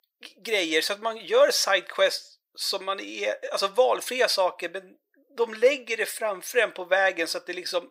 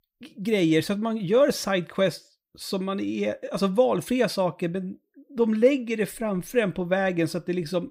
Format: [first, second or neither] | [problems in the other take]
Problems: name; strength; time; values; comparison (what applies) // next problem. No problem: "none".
second | thin; very; fading below 550 Hz